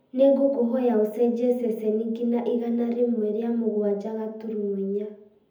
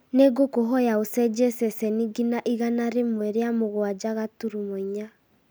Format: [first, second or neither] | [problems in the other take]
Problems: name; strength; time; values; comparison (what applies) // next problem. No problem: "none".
second | room echo; dies away in 0.7 s